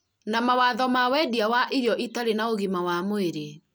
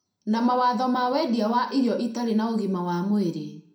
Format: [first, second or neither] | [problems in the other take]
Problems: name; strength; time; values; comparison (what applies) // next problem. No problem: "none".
first | room echo; dies away in 0.4 s